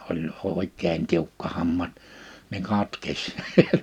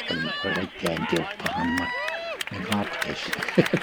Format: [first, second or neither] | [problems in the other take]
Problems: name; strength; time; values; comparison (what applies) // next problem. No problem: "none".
first | background sound (Cheering / Clapping); 2 dB below the speech